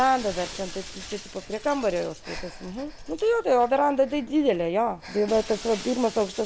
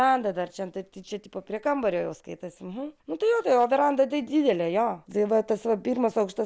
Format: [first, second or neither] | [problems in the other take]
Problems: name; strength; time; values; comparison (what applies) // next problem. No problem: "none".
second | background sound (Breathing + Shatter); 15 dB below the speech